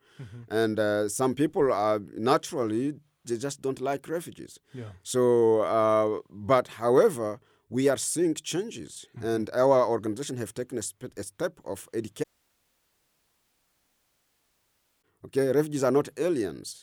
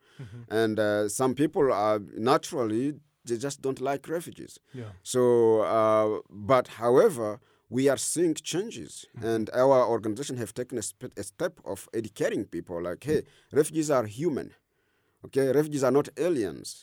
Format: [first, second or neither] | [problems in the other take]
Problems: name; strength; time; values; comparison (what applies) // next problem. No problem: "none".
second | audio cutting out; at 12 s for 3 s